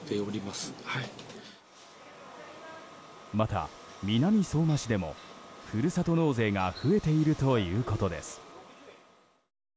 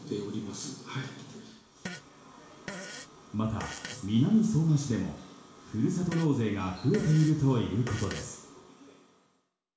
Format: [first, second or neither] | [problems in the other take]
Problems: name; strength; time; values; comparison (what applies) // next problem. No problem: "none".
first | background sound (Fart); 15 dB below the speech // room echo; dies away in 0.7 s